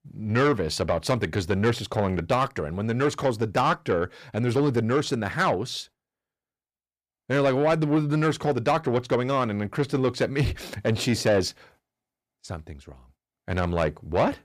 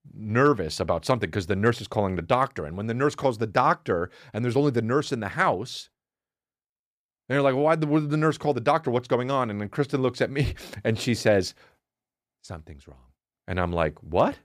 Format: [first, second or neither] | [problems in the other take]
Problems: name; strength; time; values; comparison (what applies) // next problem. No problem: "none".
second | distortion; slight; 10 dB below the speech